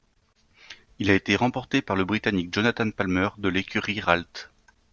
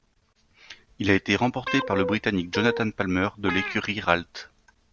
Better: first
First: none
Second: background sound (Guitar); 6 dB below the speech

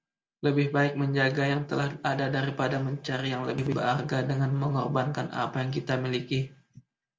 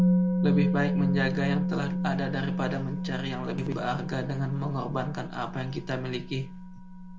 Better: first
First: none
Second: background sound (Musical instrument); 2 dB above the speech

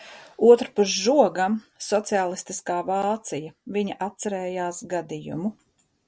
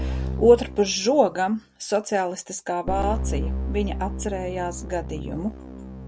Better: first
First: none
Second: background sound (Keyboard (musical)); 6 dB below the speech

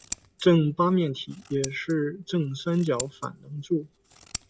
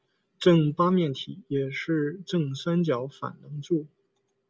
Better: second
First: background sound (Scissors); 16 dB below the speech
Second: none

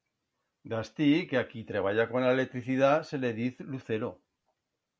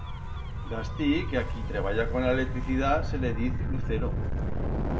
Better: first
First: none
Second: background sound (Gull, seagull / Waves, surf / Siren); 1 dB above the speech // room echo; dies away in 0.5 s

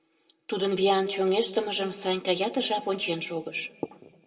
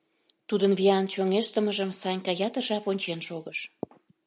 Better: second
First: room echo; dies away in 1.5 s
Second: none

